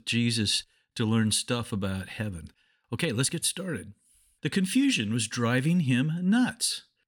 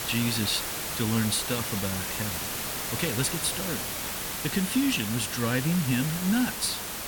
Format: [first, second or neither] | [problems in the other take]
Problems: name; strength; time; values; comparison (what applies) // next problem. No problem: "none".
first | hiss; loud; throughout; 2 dB below the speech